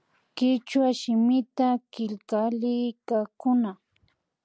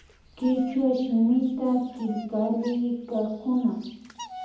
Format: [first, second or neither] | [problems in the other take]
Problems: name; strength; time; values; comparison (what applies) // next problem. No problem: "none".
first | background sound (Bird vocalization, bird call, bird song); 19 dB below the speech // room echo; dies away in 0.8 s